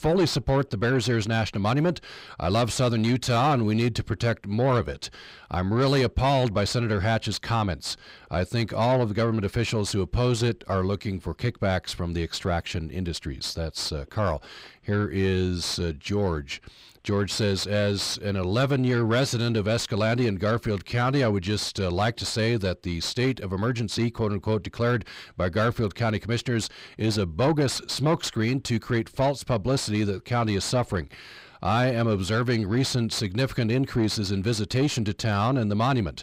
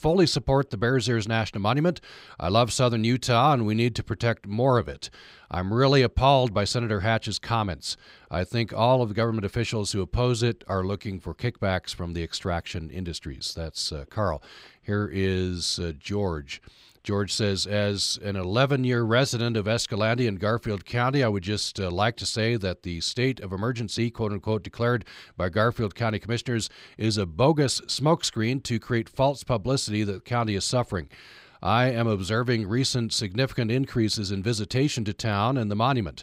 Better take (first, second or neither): second